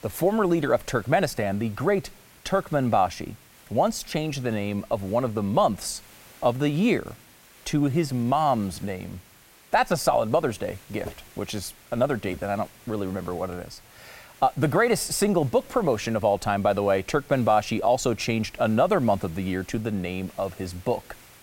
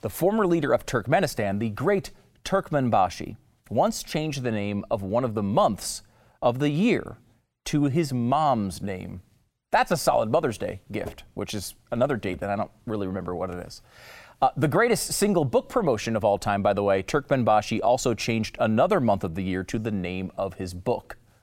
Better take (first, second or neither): second